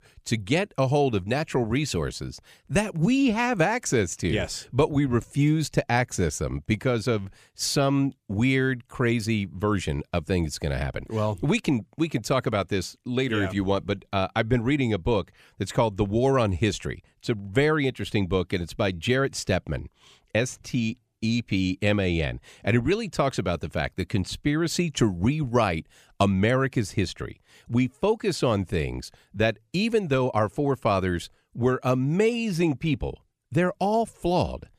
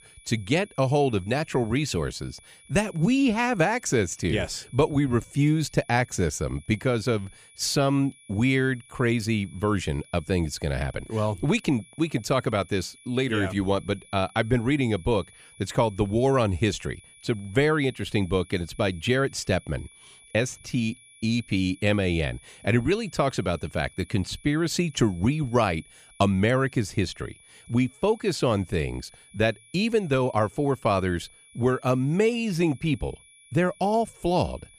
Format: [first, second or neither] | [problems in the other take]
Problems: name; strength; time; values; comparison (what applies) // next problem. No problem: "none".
first | high-pitched whine; faint; throughout; 2.5 kHz, 25 dB below the speech